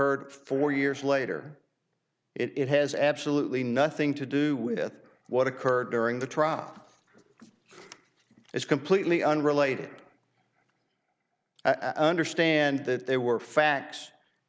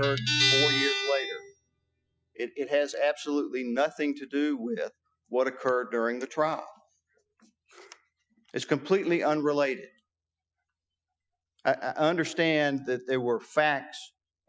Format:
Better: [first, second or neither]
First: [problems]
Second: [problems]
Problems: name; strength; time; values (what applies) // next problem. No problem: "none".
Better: first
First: none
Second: noise reduction (classical method Wiener filter)